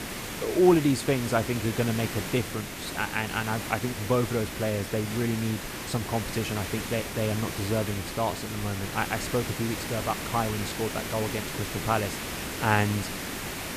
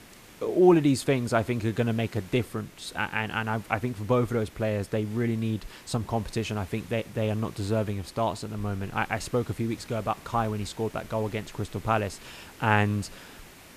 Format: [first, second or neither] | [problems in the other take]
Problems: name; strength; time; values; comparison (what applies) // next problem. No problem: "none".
second | hiss; loud; throughout; 5 dB below the speech; faint in the second